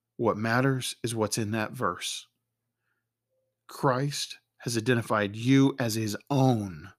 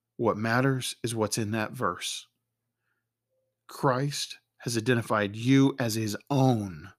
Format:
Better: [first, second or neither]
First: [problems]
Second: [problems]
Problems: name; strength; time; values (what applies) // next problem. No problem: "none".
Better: neither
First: none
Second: none